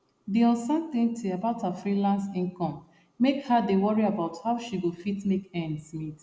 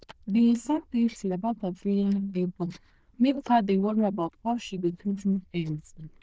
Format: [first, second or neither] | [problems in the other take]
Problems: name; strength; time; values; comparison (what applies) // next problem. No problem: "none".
first | noise reduction (neural diffusion model UNIVERSE++)